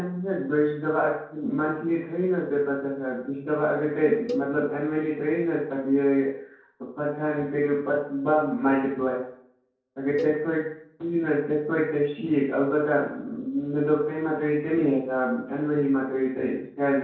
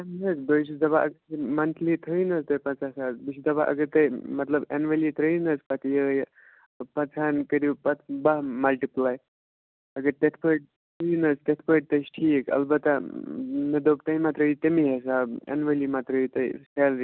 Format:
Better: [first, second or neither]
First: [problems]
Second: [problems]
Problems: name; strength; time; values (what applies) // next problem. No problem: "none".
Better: second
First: noise reduction (neural separator model SepFormer DNS4)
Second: none